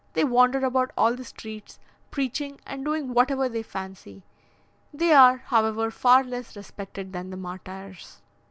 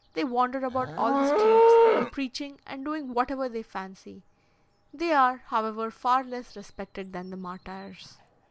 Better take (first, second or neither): first